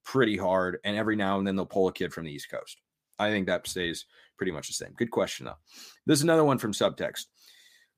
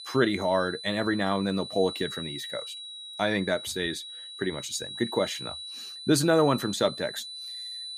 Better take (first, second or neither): first